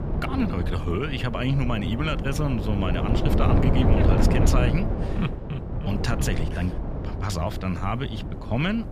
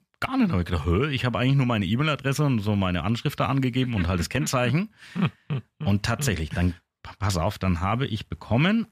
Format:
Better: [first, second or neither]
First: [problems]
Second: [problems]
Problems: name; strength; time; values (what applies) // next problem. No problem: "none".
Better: second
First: wind noise on the microphone; heavy; 3 dB below the speech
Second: none